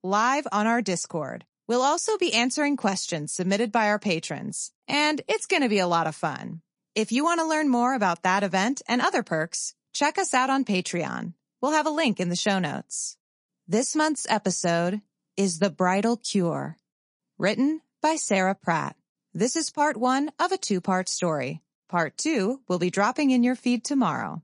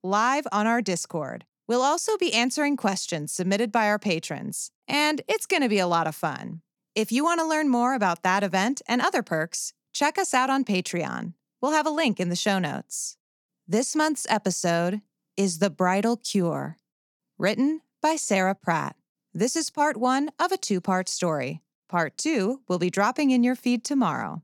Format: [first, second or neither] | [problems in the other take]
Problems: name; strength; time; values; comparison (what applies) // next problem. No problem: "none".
second | garbled, watery; slightly; nothing above 10.5 kHz